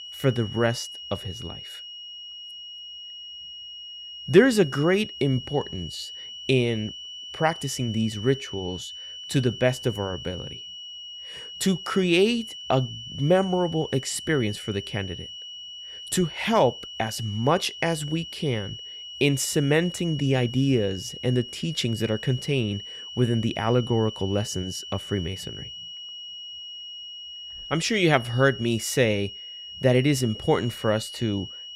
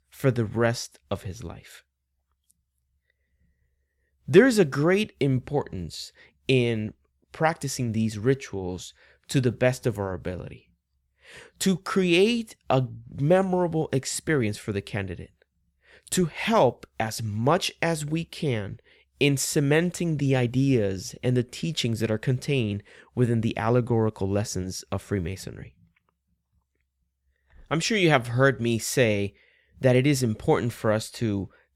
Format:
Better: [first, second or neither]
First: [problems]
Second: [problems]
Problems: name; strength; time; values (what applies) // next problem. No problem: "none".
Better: second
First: high-pitched whine; noticeable; throughout; 3 kHz, 10 dB below the speech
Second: none